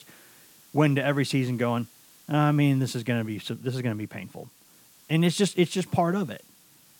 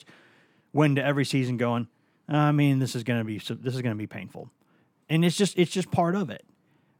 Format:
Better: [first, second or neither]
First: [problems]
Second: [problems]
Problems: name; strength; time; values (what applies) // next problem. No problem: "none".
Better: second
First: hiss; faint; throughout; 25 dB below the speech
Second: none